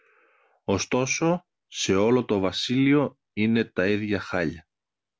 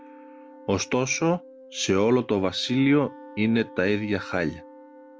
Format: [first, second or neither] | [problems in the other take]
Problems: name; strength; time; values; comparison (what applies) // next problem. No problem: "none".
first | background sound (Wind instrument, woodwind instrument + Wind instrument, woodwind instrument); 20 dB below the speech